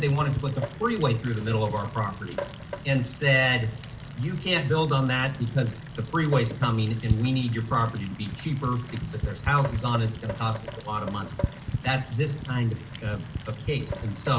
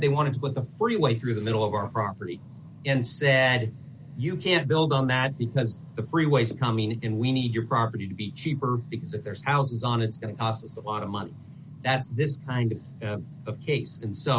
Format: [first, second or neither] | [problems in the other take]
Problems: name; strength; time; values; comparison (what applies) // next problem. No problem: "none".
second | background sound (Rain); 10 dB below the speech // room echo; dies away in 1.6 s